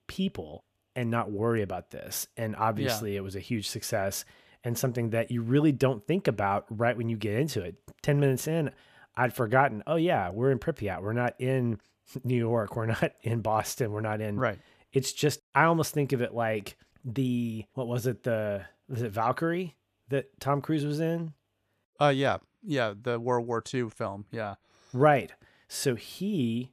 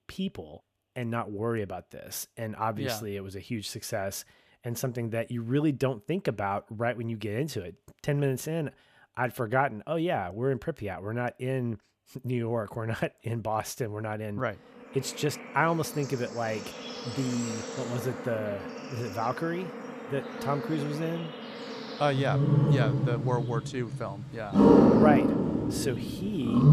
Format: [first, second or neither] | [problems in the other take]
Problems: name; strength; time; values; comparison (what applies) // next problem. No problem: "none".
first | animal sounds; very loud; from 15 s on; 3 dB above the speech